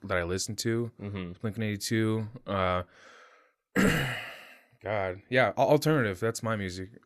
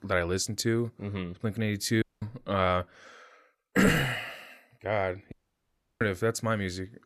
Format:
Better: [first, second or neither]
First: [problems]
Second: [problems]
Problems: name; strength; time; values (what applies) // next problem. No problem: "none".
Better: first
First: none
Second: audio cutting out; at 2 s and at 5.5 s for 0.5 s